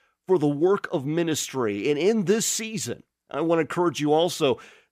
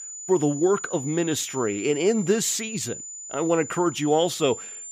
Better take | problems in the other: first | high-pitched whine; noticeable; throughout; 7 kHz, 10 dB below the speech

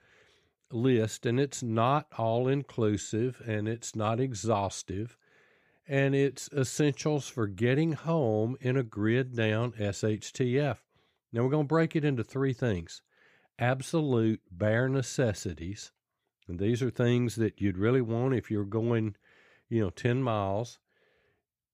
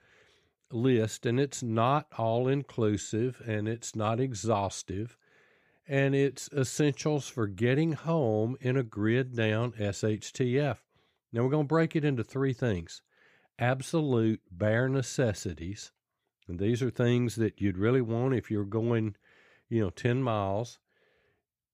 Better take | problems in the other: neither | none

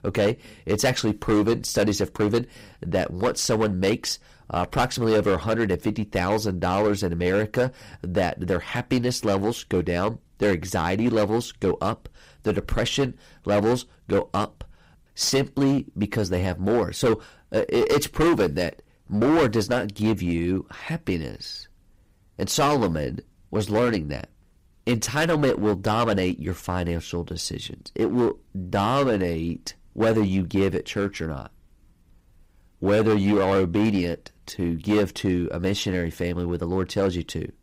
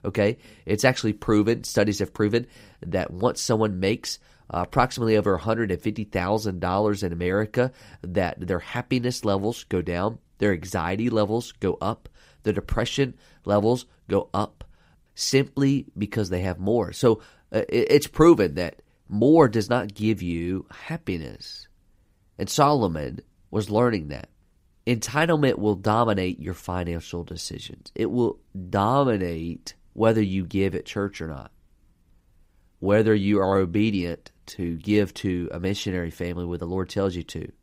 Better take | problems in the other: second | distortion; heavy; 9% of the sound clipped

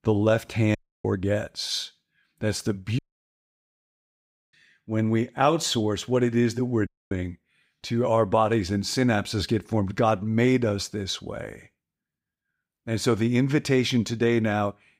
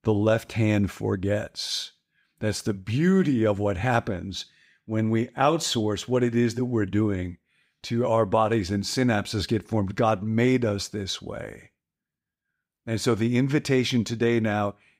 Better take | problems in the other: second | audio cutting out; at 1 s, at 3 s for 1.5 s and at 7 s

